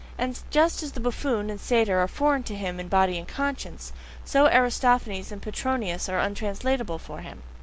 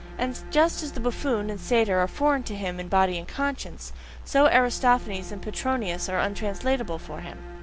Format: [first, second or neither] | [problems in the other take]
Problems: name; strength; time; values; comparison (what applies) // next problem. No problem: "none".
first | background sound (Bowed string instrument); 20 dB below the speech